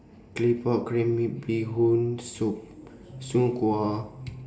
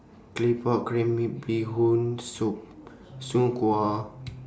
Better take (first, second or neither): second